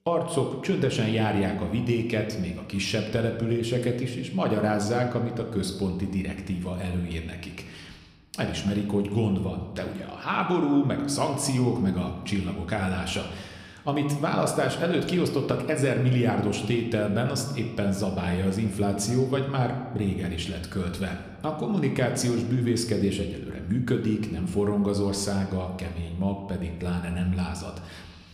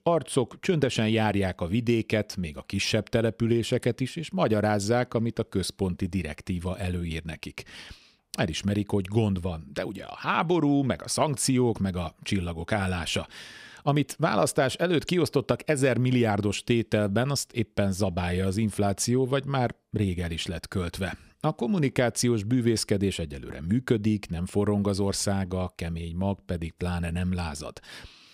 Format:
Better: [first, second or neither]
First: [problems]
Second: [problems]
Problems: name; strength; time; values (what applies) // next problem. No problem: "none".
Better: second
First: room echo; slight; dies away in 1.1 s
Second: none